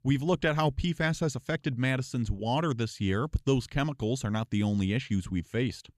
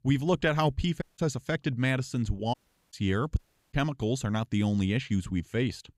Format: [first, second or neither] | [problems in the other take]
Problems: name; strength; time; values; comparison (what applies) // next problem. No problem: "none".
first | audio cutting out; at 1 s, at 2.5 s and at 3.5 s